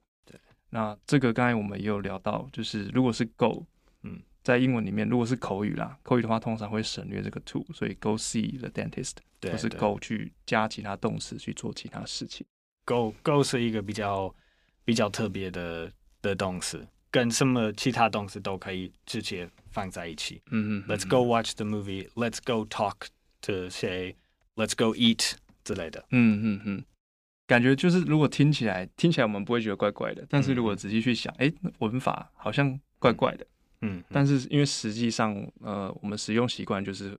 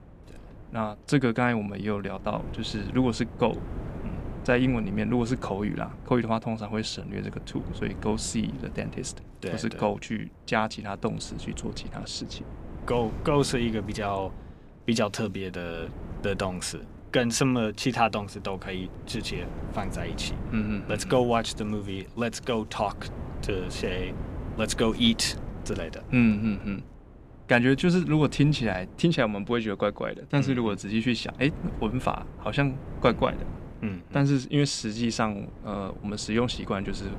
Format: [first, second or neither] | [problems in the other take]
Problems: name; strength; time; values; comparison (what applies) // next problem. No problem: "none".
first | wind noise on the microphone; occasional gusts; 15 dB below the speech